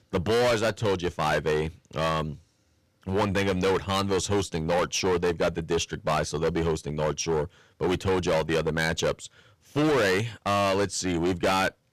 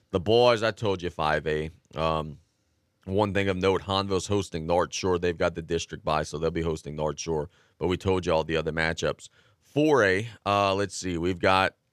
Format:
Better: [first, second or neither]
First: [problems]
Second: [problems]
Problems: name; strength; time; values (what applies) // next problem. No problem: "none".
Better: second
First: distortion; heavy; 15% of the sound clipped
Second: none